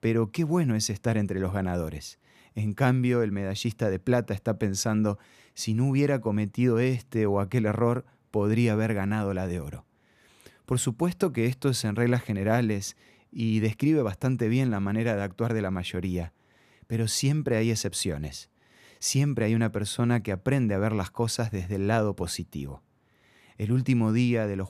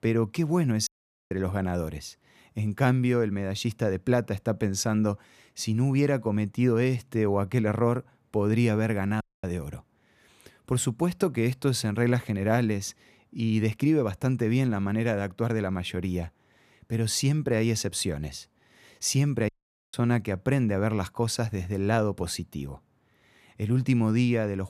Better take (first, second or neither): first